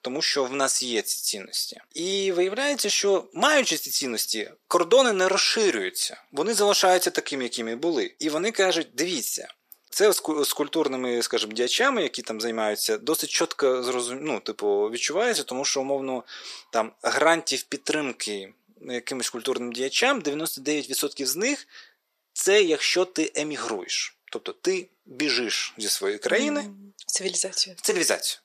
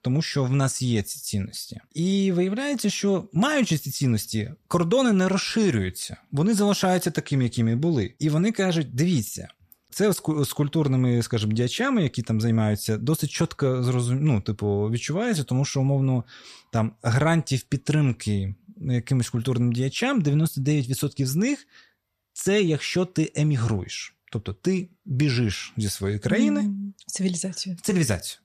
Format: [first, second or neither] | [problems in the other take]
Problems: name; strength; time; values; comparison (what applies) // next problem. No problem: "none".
second | thin; very; fading below 350 Hz